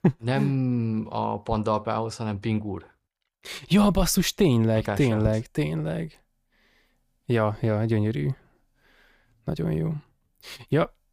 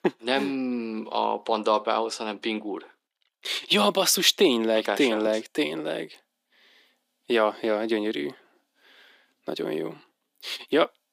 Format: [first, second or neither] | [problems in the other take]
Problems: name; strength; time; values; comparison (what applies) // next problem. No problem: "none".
first | thin; somewhat; fading below 250 Hz